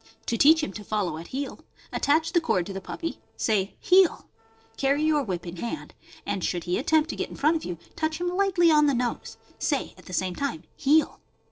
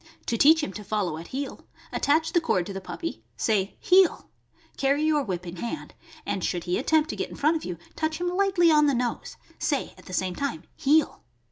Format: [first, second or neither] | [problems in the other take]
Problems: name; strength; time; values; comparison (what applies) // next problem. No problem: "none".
second | noise reduction (neural separator model SepFormer DNS4)